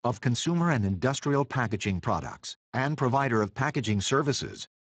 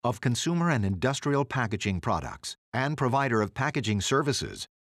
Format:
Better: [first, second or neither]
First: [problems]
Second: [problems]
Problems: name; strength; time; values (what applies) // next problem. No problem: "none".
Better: second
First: garbled, watery; badly; nothing above 7.5 kHz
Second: none